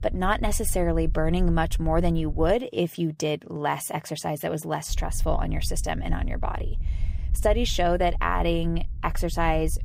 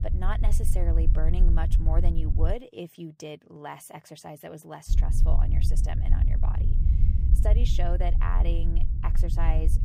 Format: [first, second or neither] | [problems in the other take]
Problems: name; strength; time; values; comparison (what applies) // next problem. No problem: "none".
first | low rumble; loud; until 2.5 s and from 5 s on; 6 dB below the speech; faint in the first